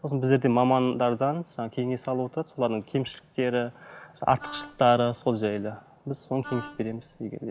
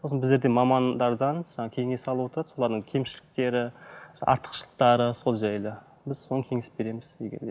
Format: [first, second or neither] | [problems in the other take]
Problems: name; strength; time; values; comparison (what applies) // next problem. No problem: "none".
second | background sound (Wind instrument, woodwind instrument); 17 dB below the speech